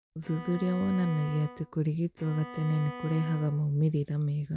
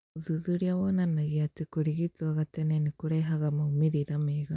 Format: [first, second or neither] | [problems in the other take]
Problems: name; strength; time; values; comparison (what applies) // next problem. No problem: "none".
second | background sound (Bowed string instrument); 14 dB below the speech